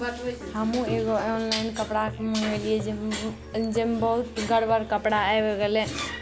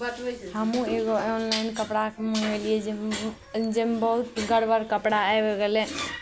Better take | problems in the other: second | background sound (Musical instrument); 13 dB below the speech

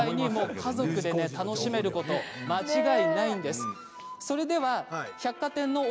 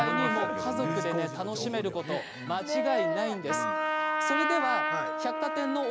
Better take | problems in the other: first | background sound (Trumpet); 1 dB below the speech

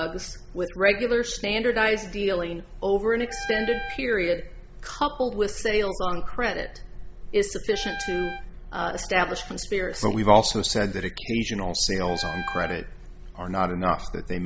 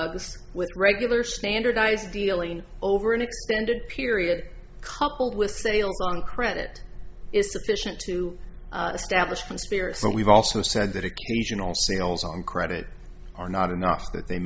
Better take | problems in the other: second | background sound (Wind instrument, woodwind instrument); 10 dB below the speech

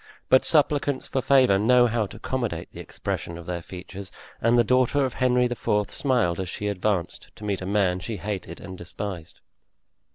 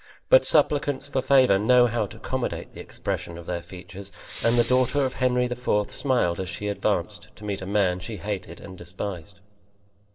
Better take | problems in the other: first | background sound (Respiratory sounds); 17 dB below the speech // room echo; dies away in 0.3 s

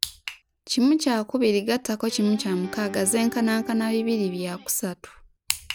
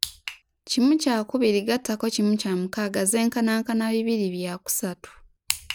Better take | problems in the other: second | background sound (Guitar); 15 dB below the speech

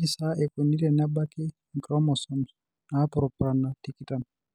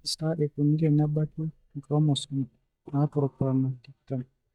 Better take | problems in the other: first | noise reduction (neural mask model DeepFilterNet 3)

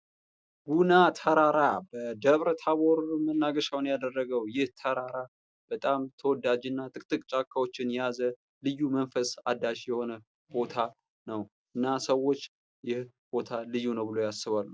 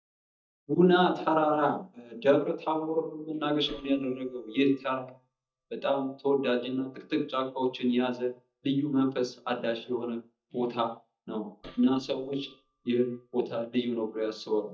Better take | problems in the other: first | noise reduction (neural mask model DeepFilterNet 3)

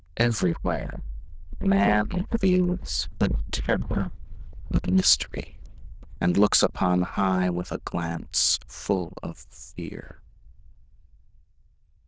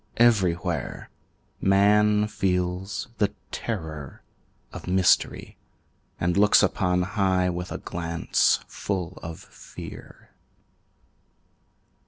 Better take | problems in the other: second | noise reduction (neural diffusion model UNIVERSE++)

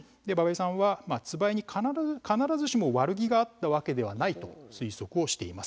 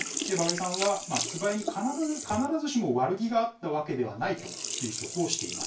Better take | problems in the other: first | background sound (Sink (filling or washing)); 6 dB below the speech // room echo; dies away in 0.2 s

